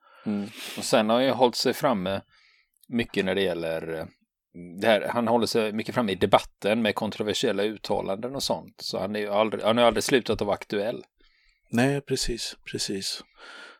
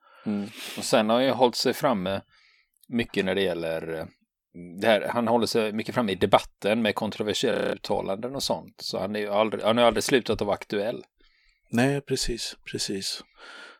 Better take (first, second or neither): first